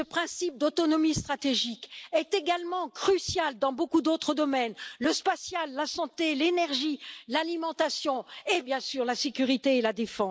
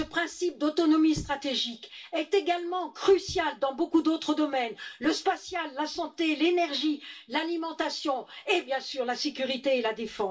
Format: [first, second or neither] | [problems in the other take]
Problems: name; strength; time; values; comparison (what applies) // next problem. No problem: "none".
first | room echo; dies away in 0.2 s